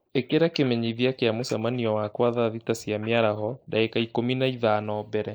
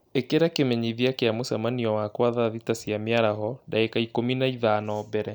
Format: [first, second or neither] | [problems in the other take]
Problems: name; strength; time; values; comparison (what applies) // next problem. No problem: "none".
second | noise reduction (neural mask model Resemble Enhance denoiser)